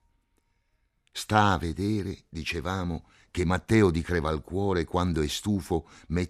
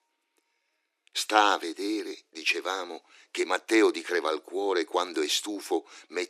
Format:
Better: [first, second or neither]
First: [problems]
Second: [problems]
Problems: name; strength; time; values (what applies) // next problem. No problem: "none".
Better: first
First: none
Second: thin; very; fading below 300 Hz